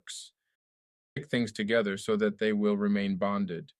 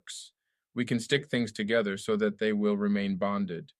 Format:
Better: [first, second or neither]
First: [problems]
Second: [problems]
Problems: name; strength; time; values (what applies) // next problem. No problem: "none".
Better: second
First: audio cutting out; at 0.5 s for 0.5 s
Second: none